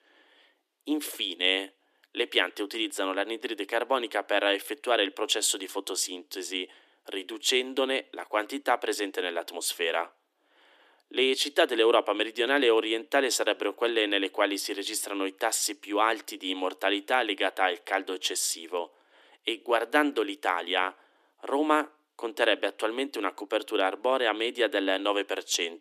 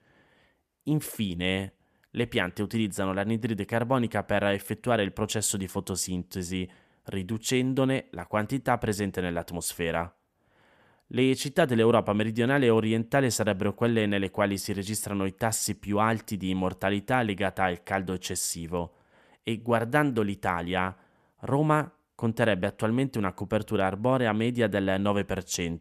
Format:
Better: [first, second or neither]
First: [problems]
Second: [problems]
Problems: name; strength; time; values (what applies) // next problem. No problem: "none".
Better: second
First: thin; somewhat; fading below 300 Hz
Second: none